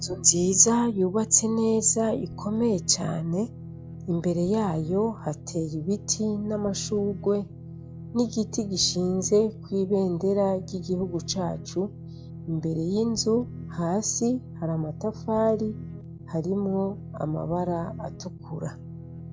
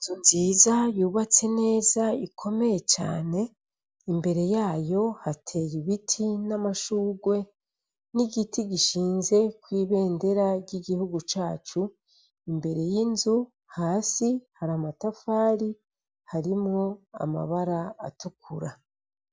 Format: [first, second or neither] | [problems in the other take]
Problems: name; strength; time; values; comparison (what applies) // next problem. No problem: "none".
second | background sound (Guitar); 12 dB below the speech